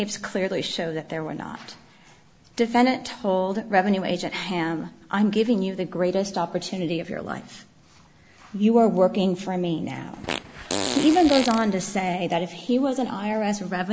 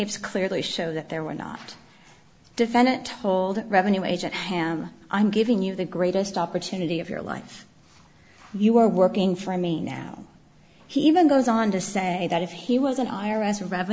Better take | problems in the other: second | background sound (Fart); 7 dB below the speech

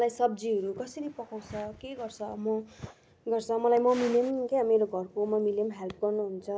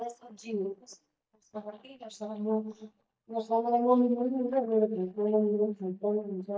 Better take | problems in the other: first | noise reduction (neural mask model DeepFilterNet 3)

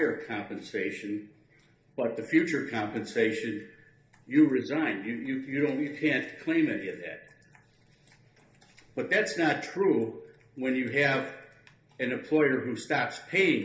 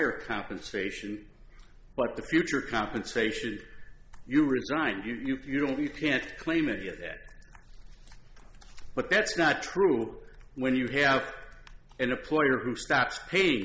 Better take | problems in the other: second | room echo; dies away in 0.3 s

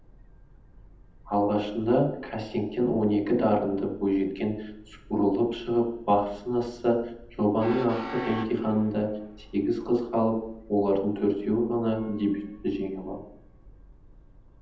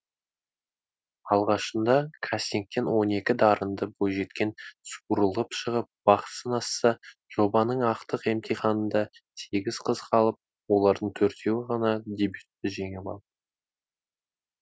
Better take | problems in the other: second | background sound (Train); 19 dB below the speech // room echo; dies away in 0.8 s

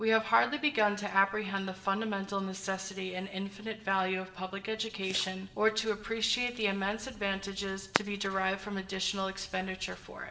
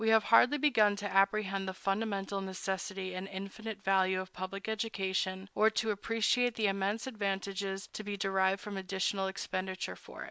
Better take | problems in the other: second | background sound (Fireworks); 14 dB below the speech // room echo; dies away in 2 s

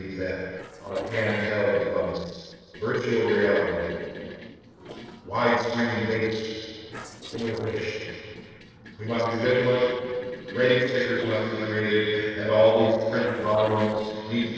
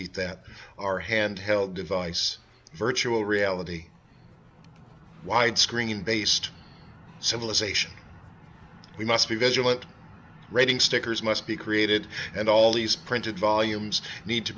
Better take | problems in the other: second | noise reduction (neural separator model SepFormer DNS4)

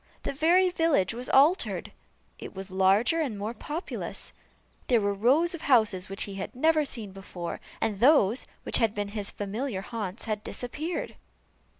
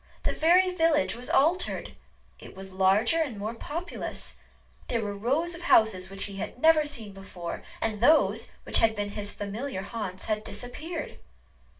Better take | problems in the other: first | room echo; dies away in 0.2 s

